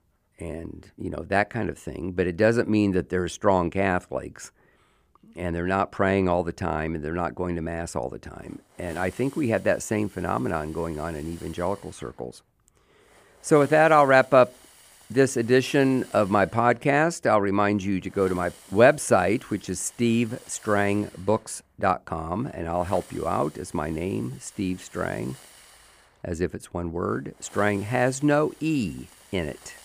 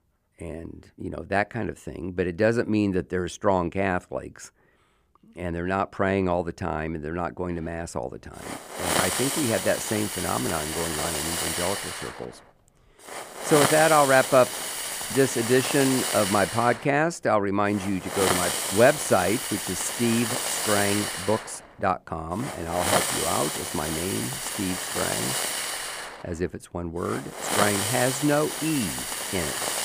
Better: first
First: hiss; faint; from 7.5 s on; 25 dB below the speech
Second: hiss; loud; from 7.5 s on; 1 dB below the speech

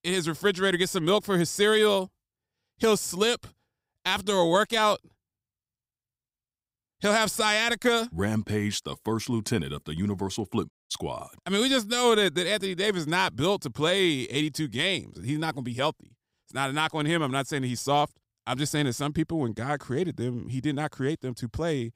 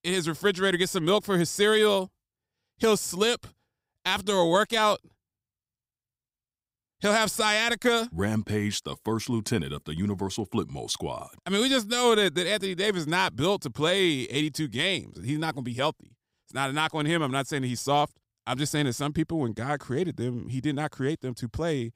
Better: second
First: audio cutting out; at 11 s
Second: none

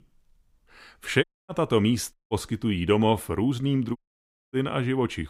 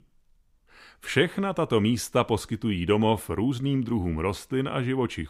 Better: second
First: audio cutting out; at 1 s, at 2 s and at 4 s for 0.5 s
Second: none

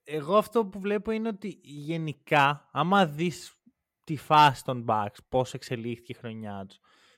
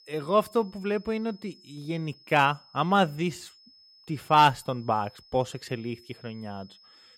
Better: first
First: none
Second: high-pitched whine; faint; throughout; 5 kHz, 25 dB below the speech

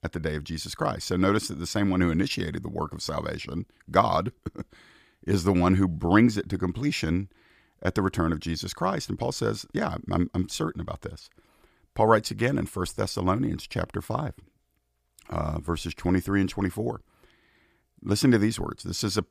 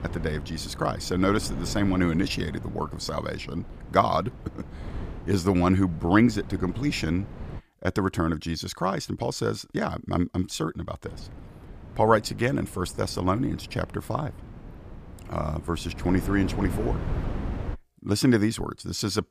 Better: first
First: none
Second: wind noise on the microphone; occasional gusts; until 7.5 s and from 11 to 18 s; 15 dB below the speech

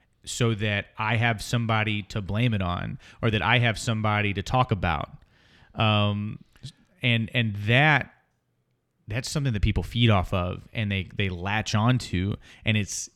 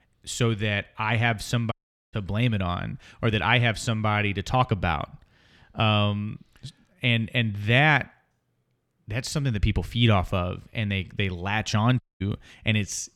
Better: first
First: none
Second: audio cutting out; at 1.5 s and at 12 s

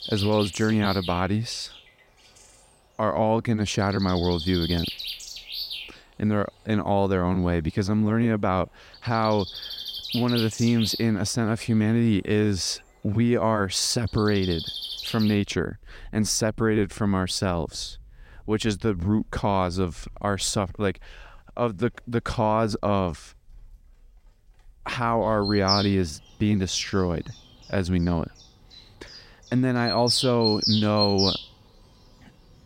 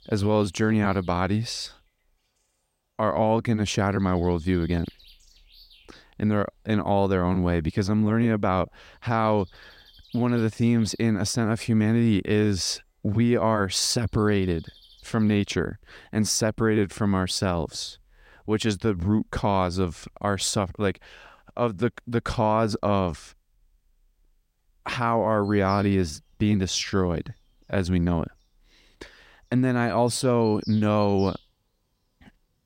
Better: second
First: animal sounds; loud; throughout; 5 dB below the speech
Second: animal sounds; faint; throughout; 25 dB below the speech

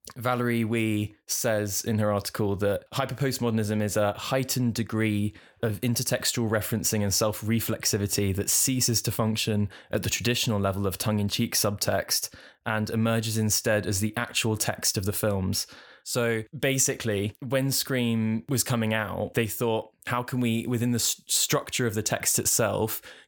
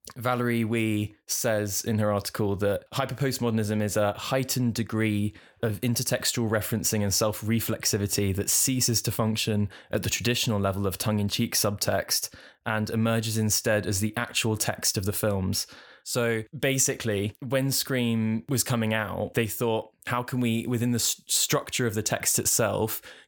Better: neither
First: none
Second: none

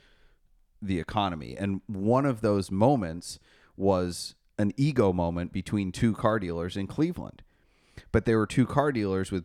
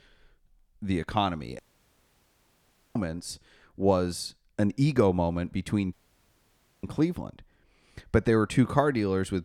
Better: first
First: none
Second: audio cutting out; at 1.5 s for 1.5 s and at 6 s for 1 s

